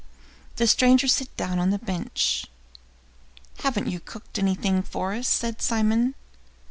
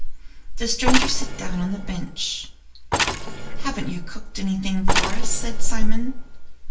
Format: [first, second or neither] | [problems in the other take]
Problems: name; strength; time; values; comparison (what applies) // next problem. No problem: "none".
first | background sound (Mechanisms); 11 dB below the speech // room echo; dies away in 0.3 s